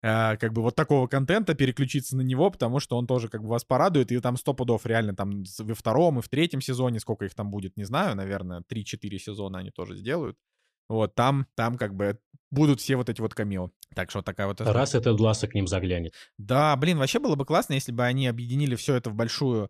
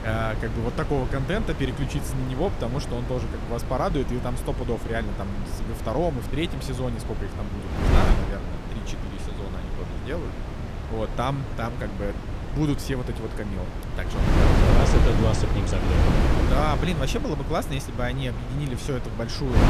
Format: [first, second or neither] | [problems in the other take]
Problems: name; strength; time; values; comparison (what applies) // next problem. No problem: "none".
first | wind noise on the microphone; heavy; 3 dB below the speech